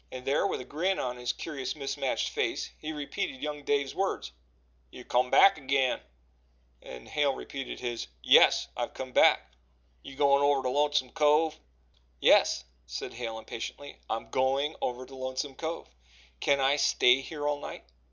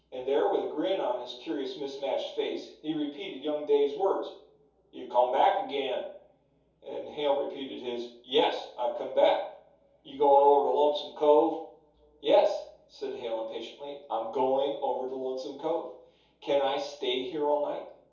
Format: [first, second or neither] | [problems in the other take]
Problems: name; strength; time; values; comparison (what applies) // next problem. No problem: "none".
first | room echo; dies away in 0.6 s